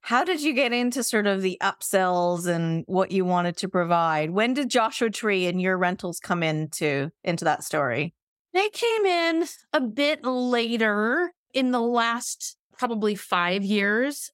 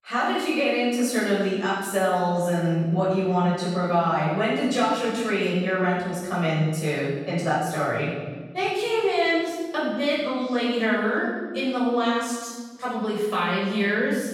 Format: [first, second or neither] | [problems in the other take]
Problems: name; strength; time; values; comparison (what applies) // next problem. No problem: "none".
first | off-mic speech; far // room echo; strong; dies away in 1.4 s